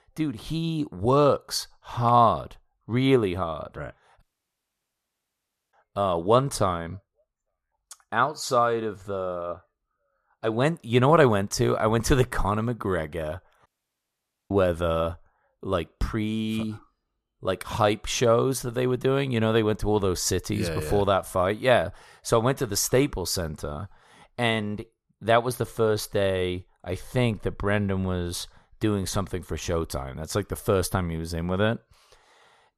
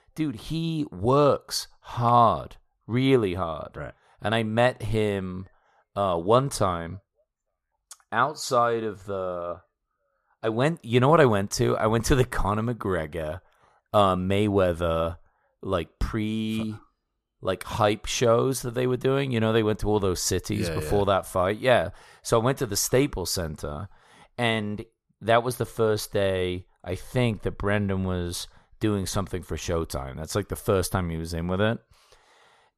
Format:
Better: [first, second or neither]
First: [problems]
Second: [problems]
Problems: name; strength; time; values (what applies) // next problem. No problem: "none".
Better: second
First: audio cutting out; at 4 s for 1.5 s and at 14 s for 1 s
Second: none